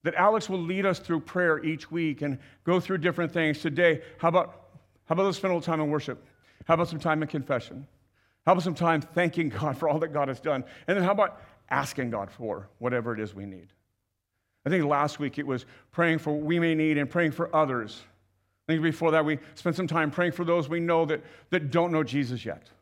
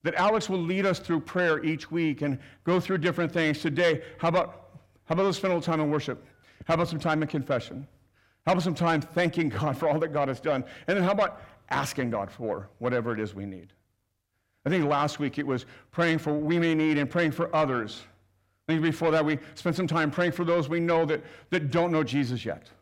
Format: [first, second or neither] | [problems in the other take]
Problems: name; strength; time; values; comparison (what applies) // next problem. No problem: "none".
first | distortion; slight; 10 dB below the speech